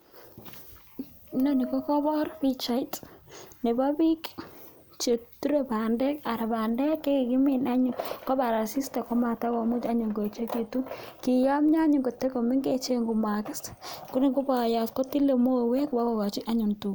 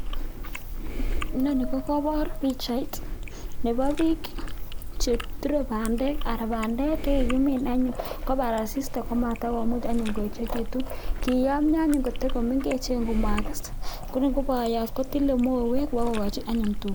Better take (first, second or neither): first